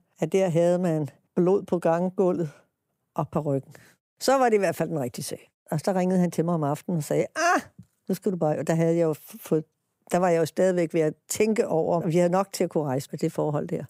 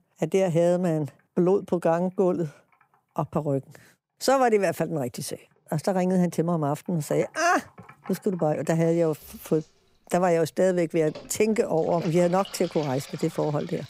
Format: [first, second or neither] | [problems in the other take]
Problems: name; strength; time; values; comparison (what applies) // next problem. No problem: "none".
first | household noises; faint; throughout; 20 dB below the speech